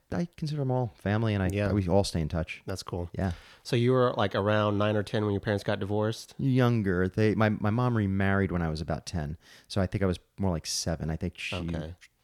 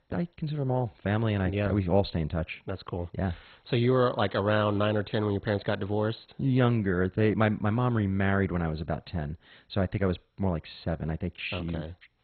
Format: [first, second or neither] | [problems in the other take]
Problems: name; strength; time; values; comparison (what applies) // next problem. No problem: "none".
first | garbled, watery; badly; nothing above 4 kHz